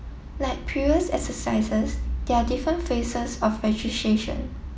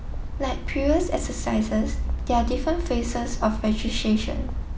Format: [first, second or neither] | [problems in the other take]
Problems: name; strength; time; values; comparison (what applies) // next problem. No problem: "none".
first | background sound (Bird); 6 dB below the speech